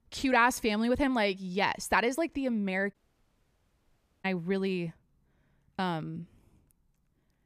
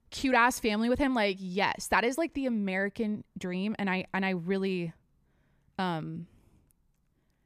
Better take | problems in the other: second | audio cutting out; at 3 s for 1.5 s

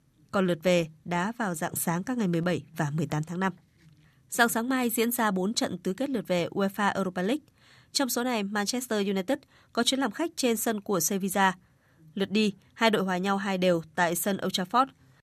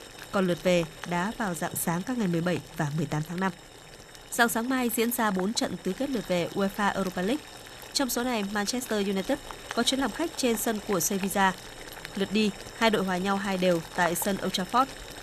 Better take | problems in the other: first | household noises; noticeable; throughout; 15 dB below the speech

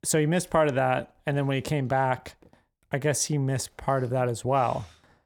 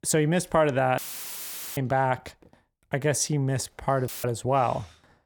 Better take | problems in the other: first | audio cutting out; filled with static; at 1 s for 1 s and at 4 s

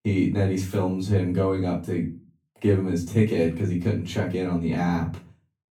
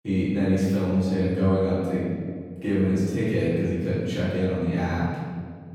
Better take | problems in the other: first | room echo; strong; dies away in 1.8 s; slight in the first // off-mic speech; far; far in the first

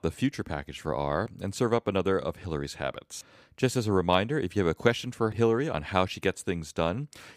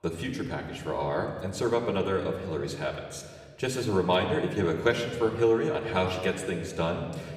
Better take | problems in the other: first | room echo; slight; dies away in 1.4 s // off-mic speech; somewhat distant

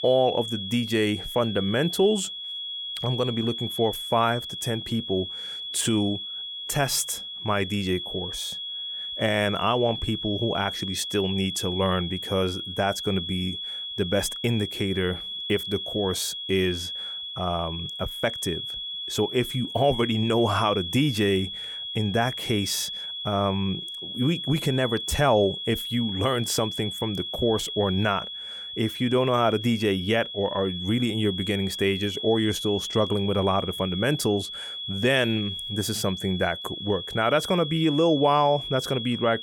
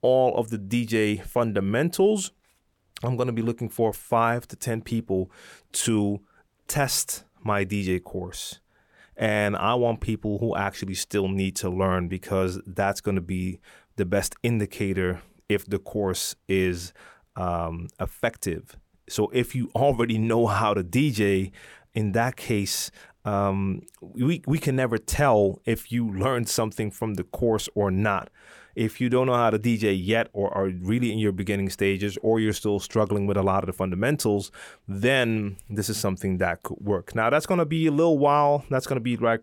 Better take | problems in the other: second | high-pitched whine; loud; throughout; 3.5 kHz, 6 dB below the speech

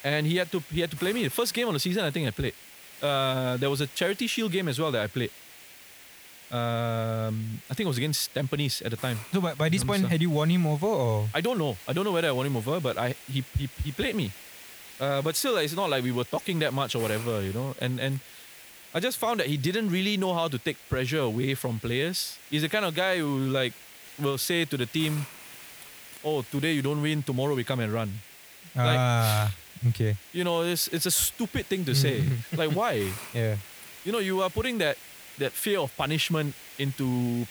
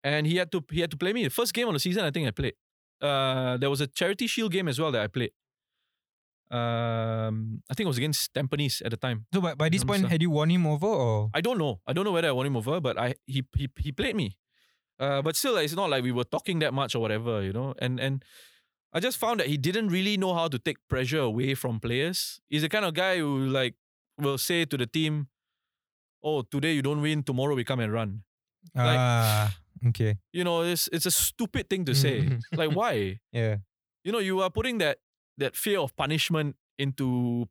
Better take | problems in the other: second | hiss; noticeable; throughout; 15 dB below the speech

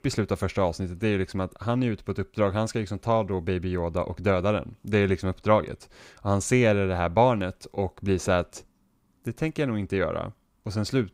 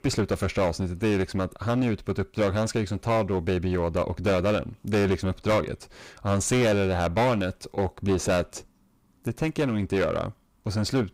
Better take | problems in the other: first | distortion; heavy; 10% of the sound clipped

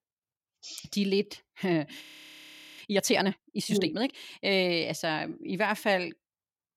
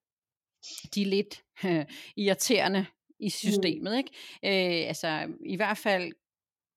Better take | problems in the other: second | audio freezing; at 2 s for 1 s

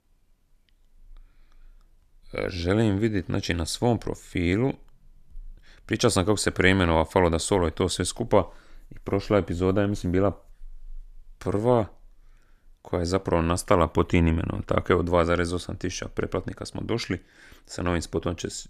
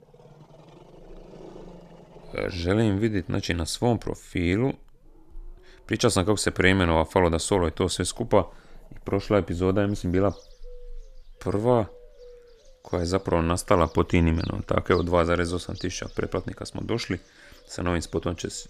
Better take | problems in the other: first | animal sounds; faint; throughout; 25 dB below the speech

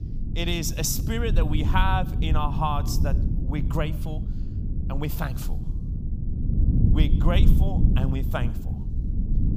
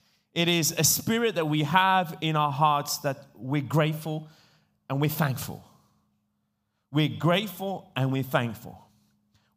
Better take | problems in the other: second | low rumble; loud; throughout; 9 dB below the speech

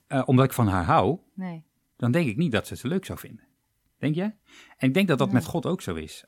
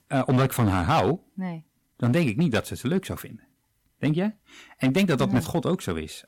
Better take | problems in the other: first | distortion; slight; 6% of the sound clipped

